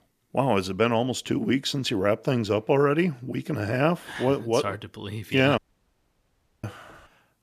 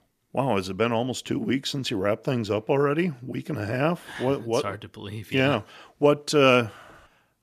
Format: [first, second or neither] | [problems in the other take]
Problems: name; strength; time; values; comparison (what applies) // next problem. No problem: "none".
second | audio cutting out; at 5.5 s for 1 s